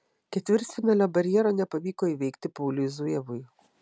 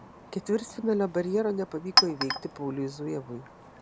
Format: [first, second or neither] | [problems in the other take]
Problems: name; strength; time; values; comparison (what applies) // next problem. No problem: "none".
first | background sound (Chink, clink); 2 dB below the speech